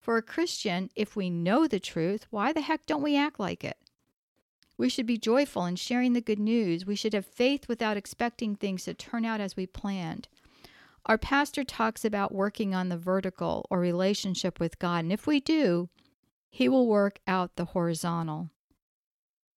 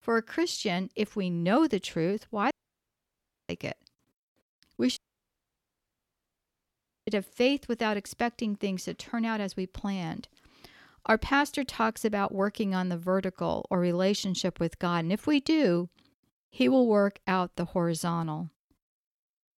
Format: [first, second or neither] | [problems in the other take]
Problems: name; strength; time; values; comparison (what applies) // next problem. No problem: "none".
first | audio cutting out; at 2.5 s for 1 s and at 5 s for 2 s